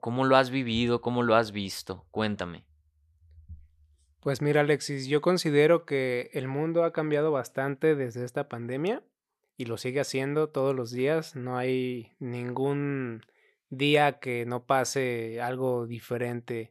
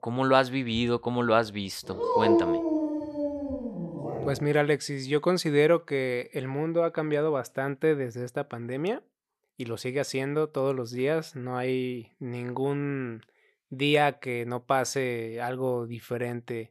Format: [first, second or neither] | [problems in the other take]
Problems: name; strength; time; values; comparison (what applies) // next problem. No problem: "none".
first | dog barking; loud; from 2 to 4.5 s; peak 5 dB above the speech